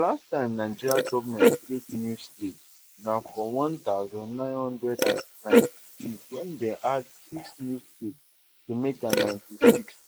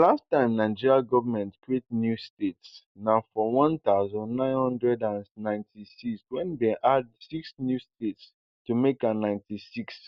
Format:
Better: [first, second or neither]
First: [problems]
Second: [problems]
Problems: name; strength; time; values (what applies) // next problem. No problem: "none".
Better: second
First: noise reduction (neural mask model Resemble Enhance denoiser)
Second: none